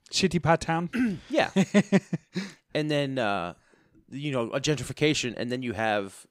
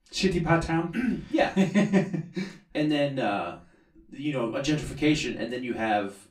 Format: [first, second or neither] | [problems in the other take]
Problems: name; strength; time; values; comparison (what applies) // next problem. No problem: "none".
first | off-mic speech; far // room echo; very slight; dies away in 0.2 s